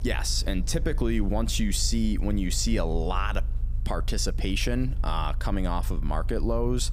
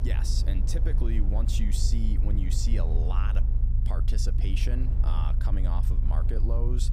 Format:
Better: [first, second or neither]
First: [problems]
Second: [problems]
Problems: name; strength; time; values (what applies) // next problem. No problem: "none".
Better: first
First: low rumble; faint; throughout; 20 dB below the speech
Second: low rumble; loud; throughout; 6 dB below the speech